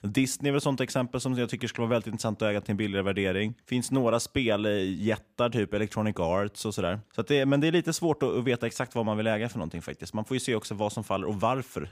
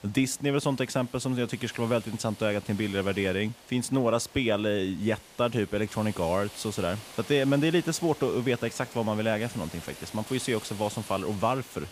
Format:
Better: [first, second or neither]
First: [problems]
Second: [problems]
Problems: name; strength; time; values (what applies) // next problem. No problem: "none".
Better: first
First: none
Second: hiss; noticeable; throughout; 15 dB below the speech